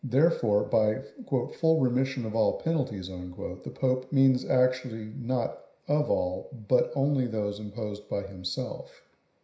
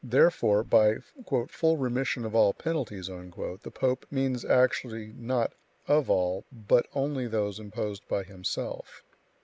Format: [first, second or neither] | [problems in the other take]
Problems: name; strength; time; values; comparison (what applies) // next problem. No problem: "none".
second | room echo; dies away in 0.5 s